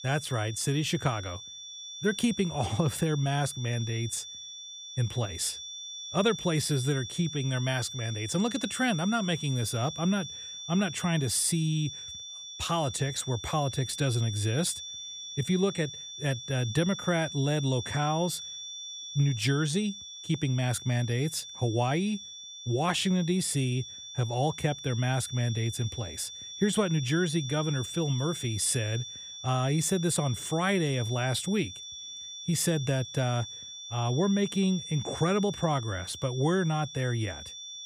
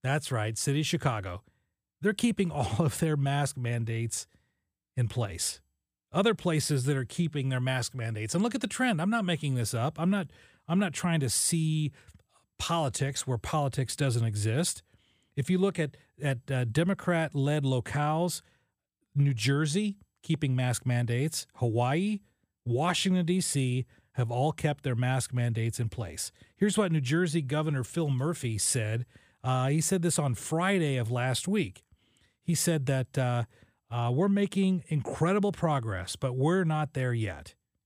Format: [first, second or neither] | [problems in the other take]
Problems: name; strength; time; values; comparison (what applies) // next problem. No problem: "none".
second | high-pitched whine; loud; throughout; 3.5 kHz, 9 dB below the speech